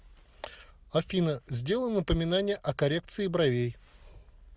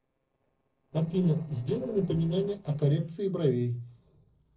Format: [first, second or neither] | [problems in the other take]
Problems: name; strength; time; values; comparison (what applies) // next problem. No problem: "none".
first | noise reduction (neural separator model SepFormer DNS4)